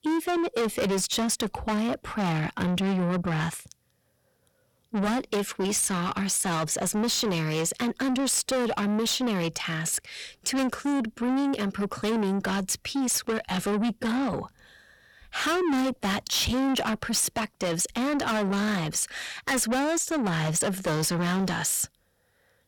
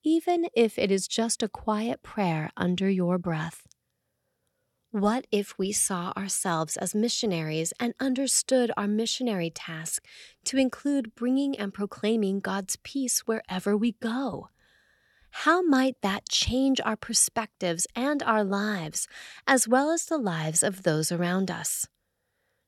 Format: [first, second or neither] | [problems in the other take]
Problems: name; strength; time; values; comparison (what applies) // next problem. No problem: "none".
second | distortion; heavy; 5 dB below the speech